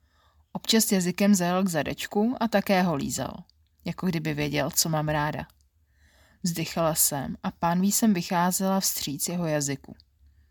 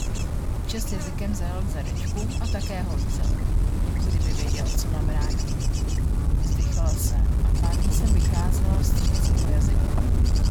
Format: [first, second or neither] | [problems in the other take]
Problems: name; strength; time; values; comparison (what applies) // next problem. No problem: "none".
first | wind noise on the microphone; heavy; 3 dB above the speech